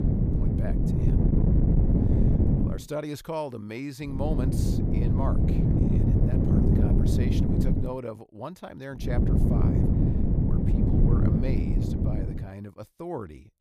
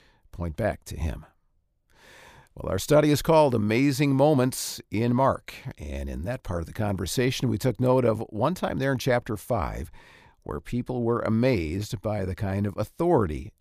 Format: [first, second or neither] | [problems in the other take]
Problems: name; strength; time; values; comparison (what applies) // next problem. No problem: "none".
second | wind noise on the microphone; heavy; until 2.5 s, from 4 to 8 s and from 9 to 12 s; 4 dB above the speech